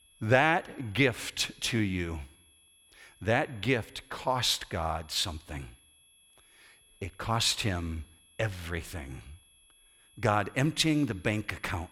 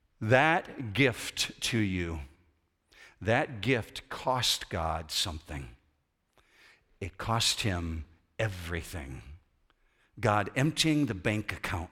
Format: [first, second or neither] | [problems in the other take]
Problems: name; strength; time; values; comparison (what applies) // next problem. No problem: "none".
second | high-pitched whine; faint; throughout; 3.5 kHz, 30 dB below the speech